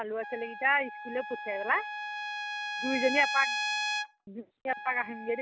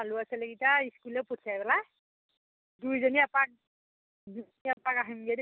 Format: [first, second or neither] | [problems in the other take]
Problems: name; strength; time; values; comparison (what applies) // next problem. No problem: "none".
second | background sound (Trumpet); 4 dB below the speech